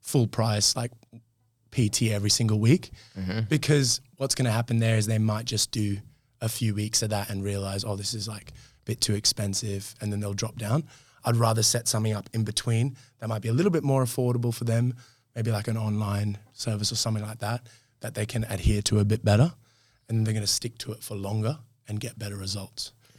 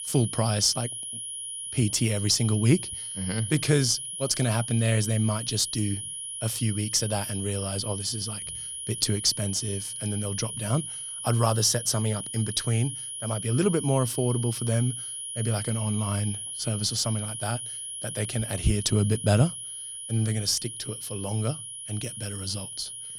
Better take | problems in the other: first | high-pitched whine; loud; throughout; 10.5 kHz, 6 dB below the speech

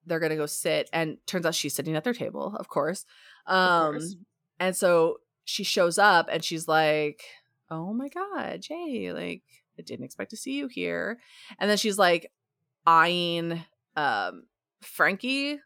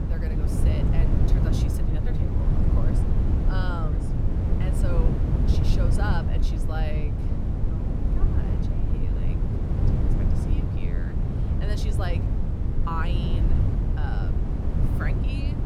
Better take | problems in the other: first | wind noise on the microphone; heavy; 1 dB above the speech

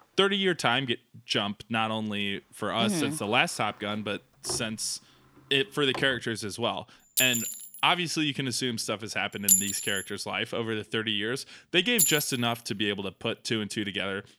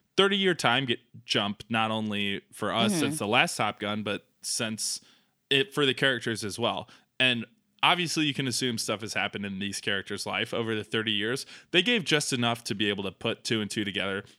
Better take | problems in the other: second | household noises; very loud; throughout; 1 dB above the speech

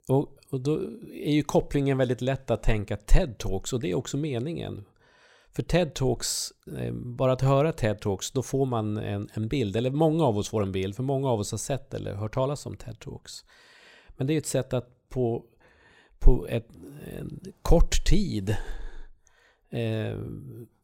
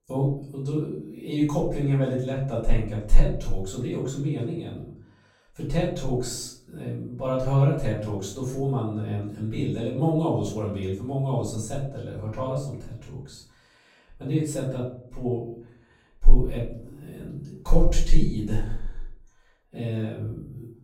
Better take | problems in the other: first | off-mic speech; far // room echo; noticeable; dies away in 0.5 s

